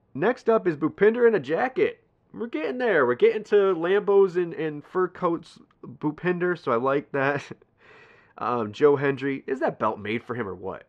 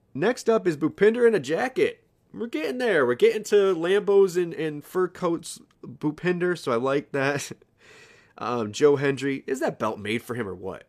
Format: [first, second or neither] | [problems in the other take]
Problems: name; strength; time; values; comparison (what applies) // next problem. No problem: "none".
second | muffled; slightly; fading above 3 kHz